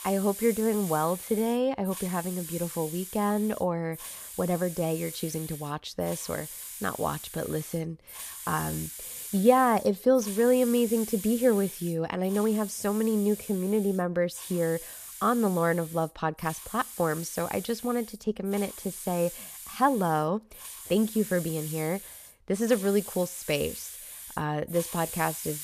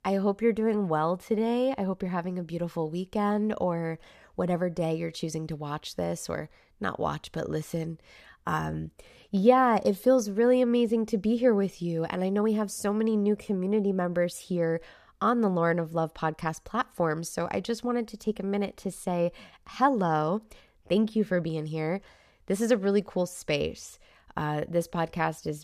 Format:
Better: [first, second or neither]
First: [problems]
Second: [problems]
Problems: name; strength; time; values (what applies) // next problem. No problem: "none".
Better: second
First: hiss; noticeable; throughout; 10 dB below the speech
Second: none